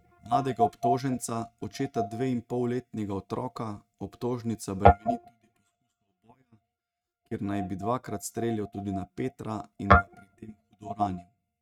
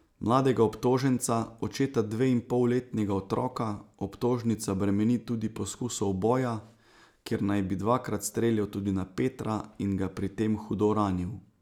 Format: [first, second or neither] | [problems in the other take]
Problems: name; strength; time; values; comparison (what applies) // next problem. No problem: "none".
second | noise reduction (neural mask model RNNoise)